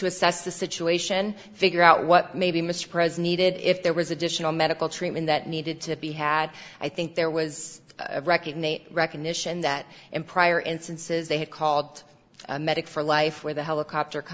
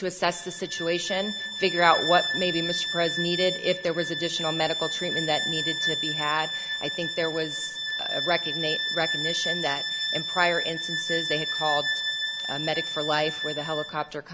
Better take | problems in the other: first | background sound (Bowed string instrument); 2 dB below the speech

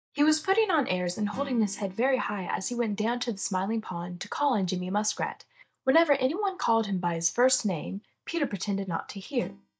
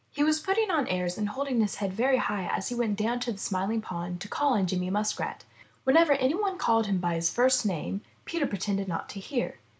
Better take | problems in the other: second | noise reduction (neural mask model DeepFilterNet 3)

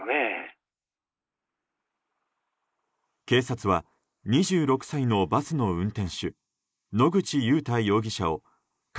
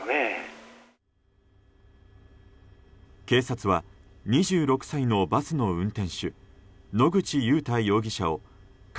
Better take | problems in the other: second | noise reduction (neural mask model Resemble Enhance denoiser)

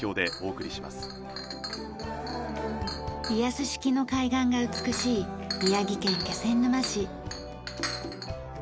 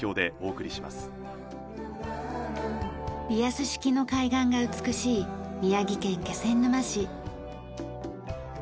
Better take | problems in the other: second | background sound (Chink, clink); 10 dB below the speech

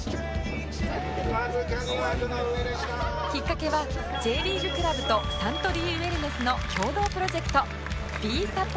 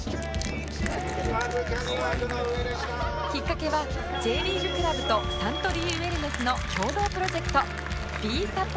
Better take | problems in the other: first | background sound (Crushing + Bowed string instrument); 12 dB below the speech

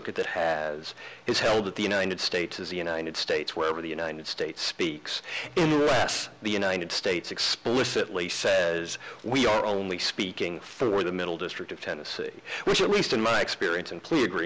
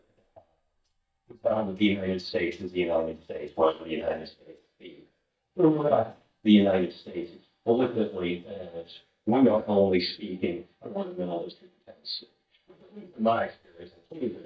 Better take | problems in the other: first | noise reduction (neural mask model DeepFilterNet 3)

